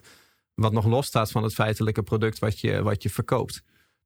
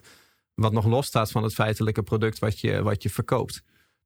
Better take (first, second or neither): neither